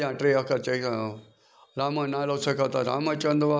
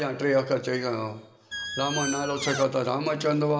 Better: first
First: none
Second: background sound (Squeak); 6 dB below the speech // room echo; dies away in 0.9 s

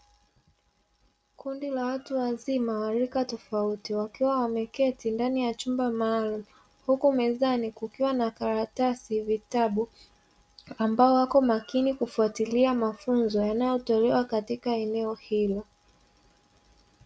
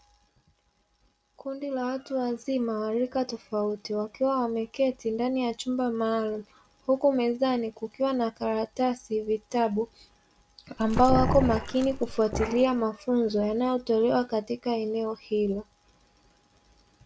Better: first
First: none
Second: background sound (Growling); 2 dB below the speech

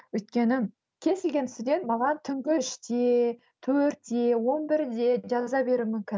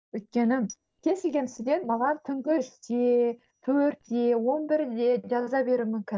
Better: first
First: none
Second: noise reduction (neural mask model DeepFilterNet 3)

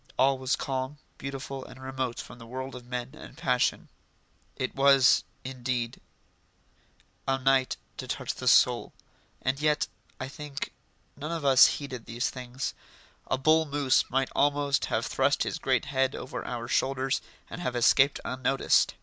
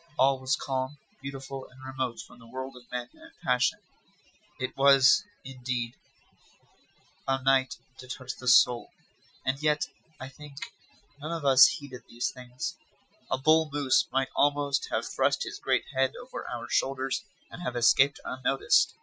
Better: first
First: none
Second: noise reduction (classical method Wiener filter)

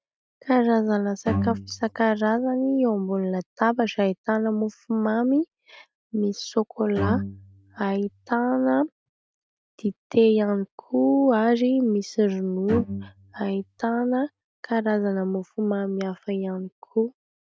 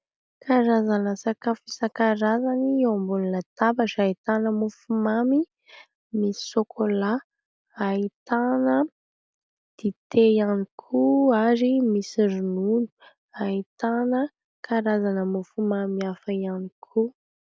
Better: second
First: noise reduction (neural mask model RNNoise)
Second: none

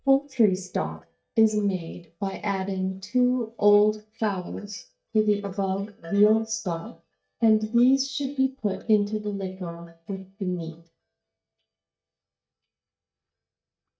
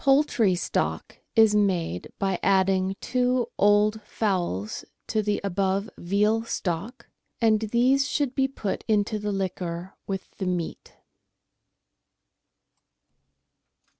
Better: second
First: noise reduction (neural mask model DeepFilterNet 3)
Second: none

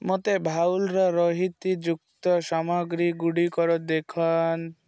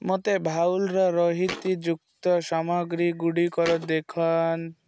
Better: first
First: none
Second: background sound (Thump, thud); 11 dB below the speech

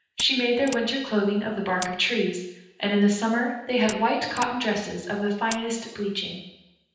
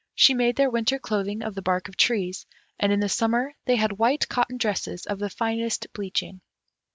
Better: second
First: background sound (Mechanisms); 16 dB below the speech // room echo; dies away in 0.9 s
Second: none

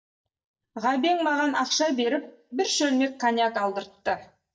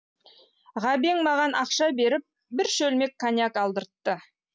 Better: second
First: noise reduction (neural mask model DeepFilterNet 3)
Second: none

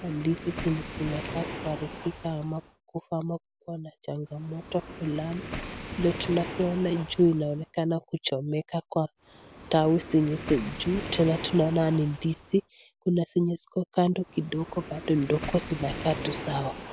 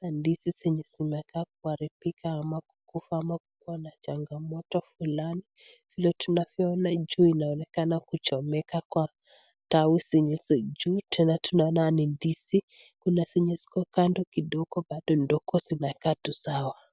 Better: second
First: background sound (Waves, surf); 11 dB below the speech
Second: none

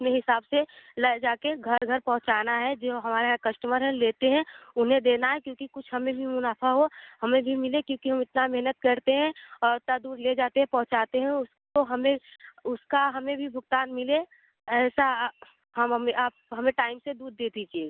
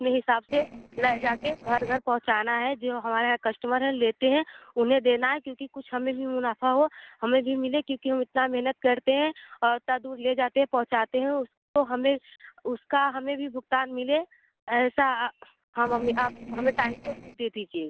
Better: first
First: none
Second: noise reduction (neural separator model SepFormer DNS4)

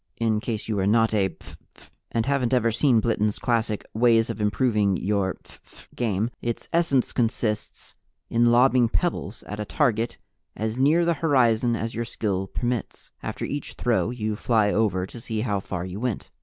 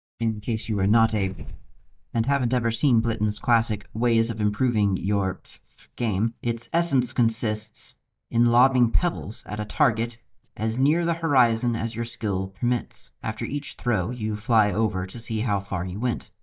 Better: first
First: none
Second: noise reduction (neural mask model DeepFilterNet 3)

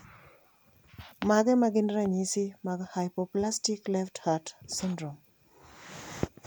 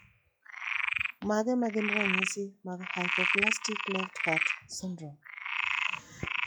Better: first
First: none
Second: noise reduction (classical method log-MMSE)

